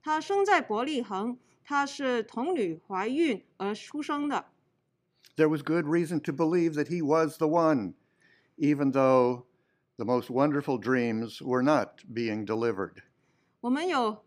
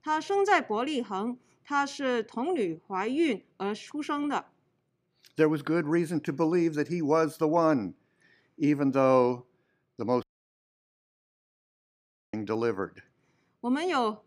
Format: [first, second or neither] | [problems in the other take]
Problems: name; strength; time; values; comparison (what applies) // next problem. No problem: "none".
first | audio cutting out; at 10 s for 2 s